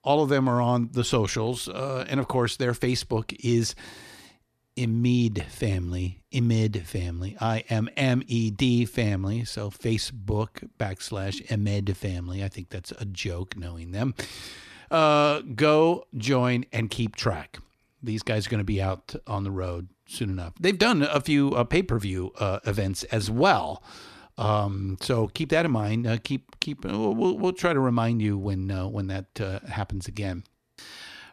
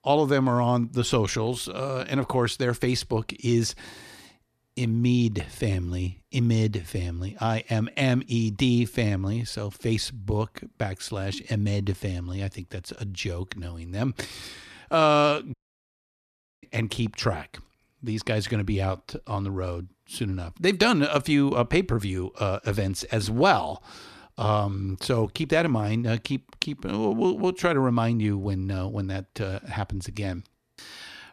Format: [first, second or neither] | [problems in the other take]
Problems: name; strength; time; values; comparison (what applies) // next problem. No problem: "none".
first | audio cutting out; at 16 s for 1 s